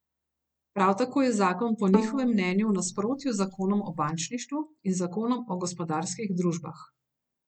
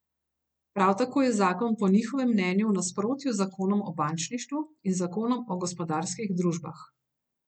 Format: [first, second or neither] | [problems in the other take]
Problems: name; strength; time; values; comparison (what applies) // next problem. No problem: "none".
second | background sound (Bowed string instrument); 9 dB below the speech